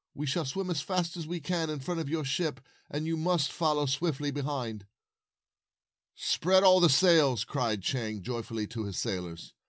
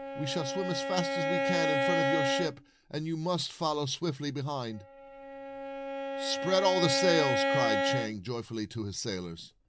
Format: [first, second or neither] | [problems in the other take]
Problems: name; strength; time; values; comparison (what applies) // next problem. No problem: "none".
first | background sound (Bowed string instrument); as loud as the speech